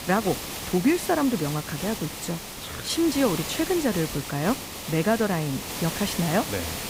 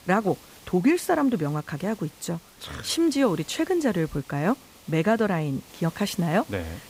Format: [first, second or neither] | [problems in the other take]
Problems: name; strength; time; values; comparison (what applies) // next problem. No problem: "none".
second | hiss; loud; throughout; 6 dB below the speech; faint in the second